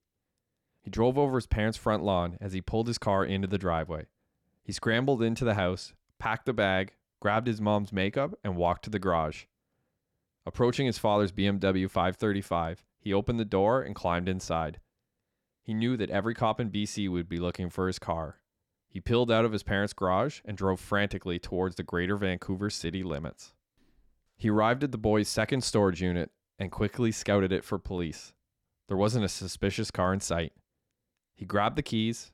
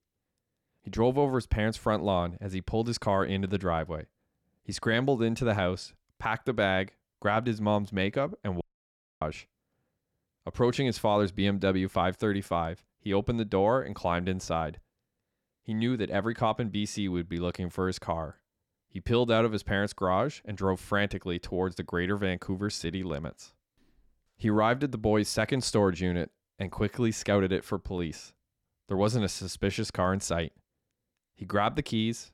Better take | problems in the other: first | audio cutting out; at 8.5 s for 0.5 s

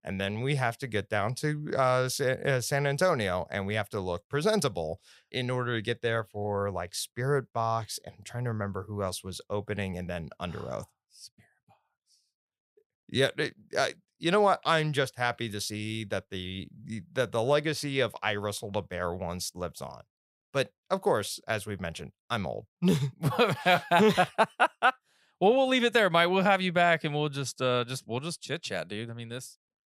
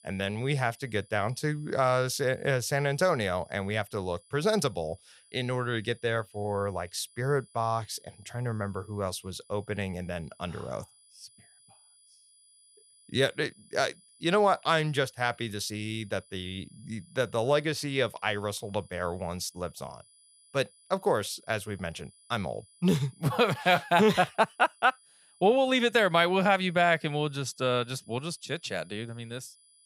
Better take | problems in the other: first | high-pitched whine; faint; throughout; 10 kHz, 30 dB below the speech

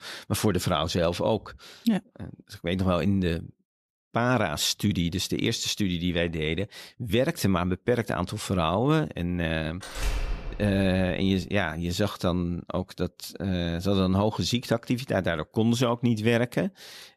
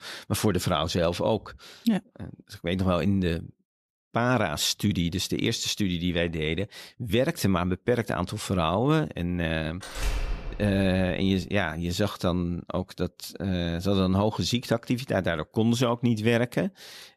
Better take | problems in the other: neither | door banging; noticeable; from 10 to 11 s; peak 5 dB below the speech; the same in both

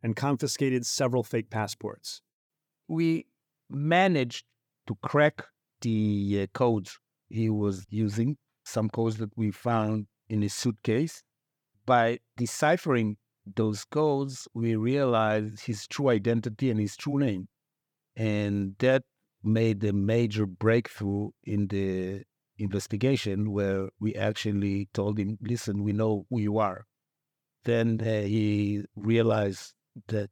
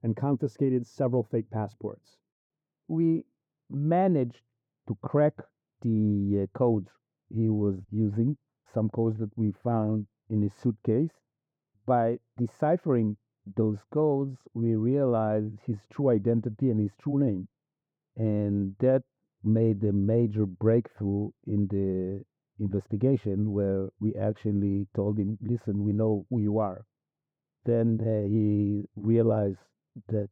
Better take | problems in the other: first | muffled; very; fading above 1.5 kHz

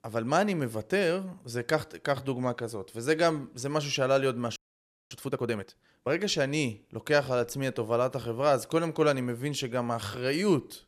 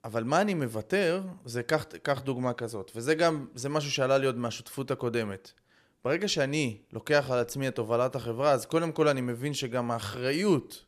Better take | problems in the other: second | audio freezing; at 4.5 s for 0.5 s

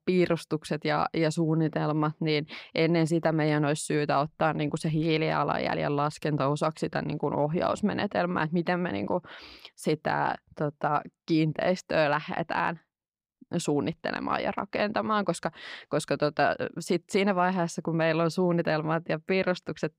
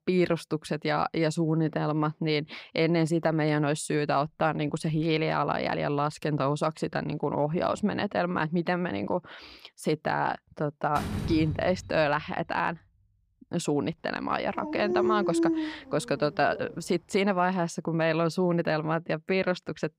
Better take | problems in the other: first | door banging; noticeable; from 11 to 12 s; peak 4 dB below the speech // dog barking; loud; from 15 to 17 s; peak 2 dB above the speech

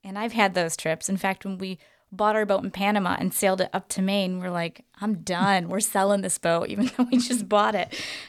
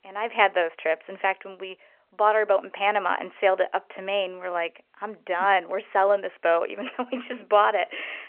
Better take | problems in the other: first | phone-call audio

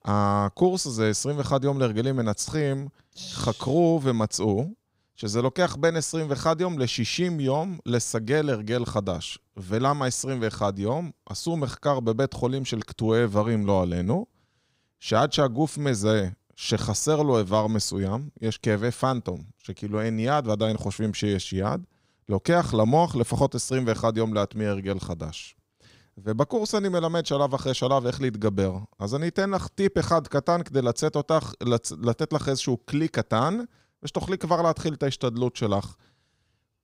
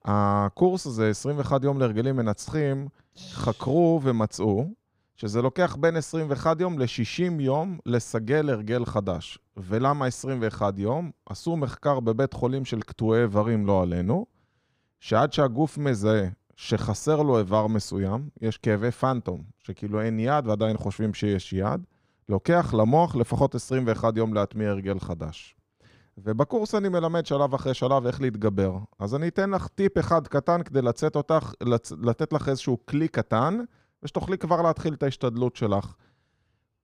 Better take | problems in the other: first | muffled; slightly; fading above 3 kHz

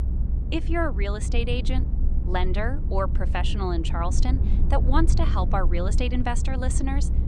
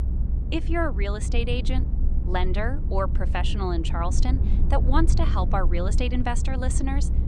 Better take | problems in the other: neither | low rumble; noticeable; throughout; 10 dB below the speech; the same in both

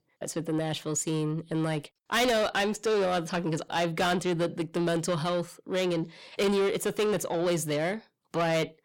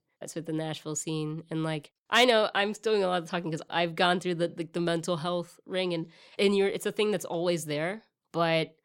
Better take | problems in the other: second | distortion; heavy; 7 dB below the speech

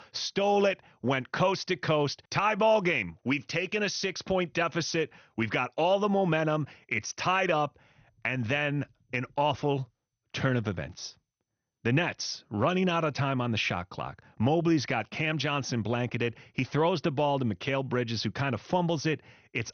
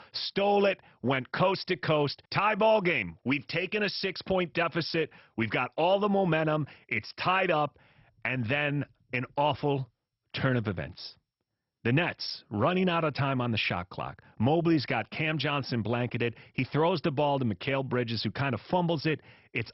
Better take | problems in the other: first | garbled, watery; badly; nothing above 5.5 kHz; slightly in the first

